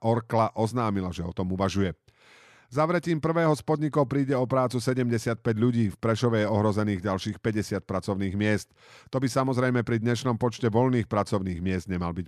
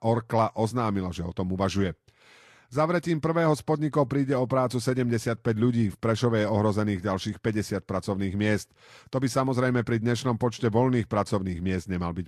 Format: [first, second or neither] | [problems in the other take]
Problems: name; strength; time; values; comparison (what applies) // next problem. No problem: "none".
first | garbled, watery; slightly; nothing above 13.5 kHz